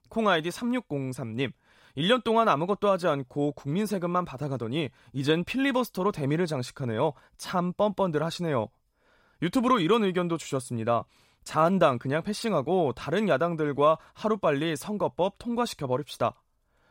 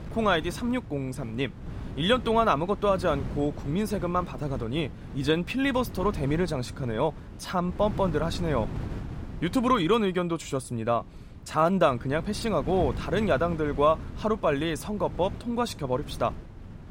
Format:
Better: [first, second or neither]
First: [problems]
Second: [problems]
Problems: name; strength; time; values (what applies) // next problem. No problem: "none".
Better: first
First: none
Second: wind noise on the microphone; occasional gusts; 20 dB below the speech